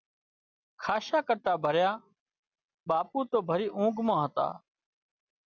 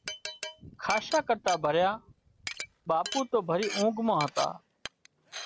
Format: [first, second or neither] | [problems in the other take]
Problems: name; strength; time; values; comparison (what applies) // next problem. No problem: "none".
first | background sound (Glass); 10 dB below the speech